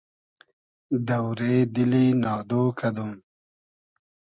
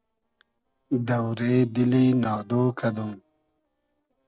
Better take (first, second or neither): first